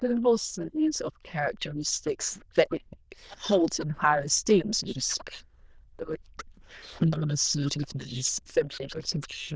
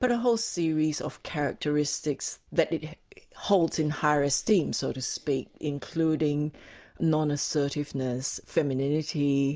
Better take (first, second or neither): second